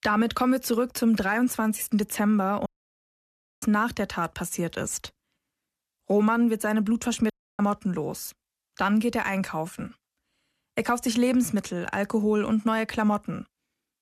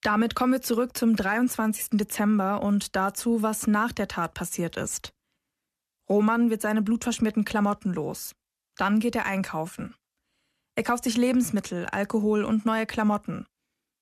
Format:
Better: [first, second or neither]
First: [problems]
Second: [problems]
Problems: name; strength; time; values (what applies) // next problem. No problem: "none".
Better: second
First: audio cutting out; at 2.5 s for 1 s and at 7.5 s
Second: none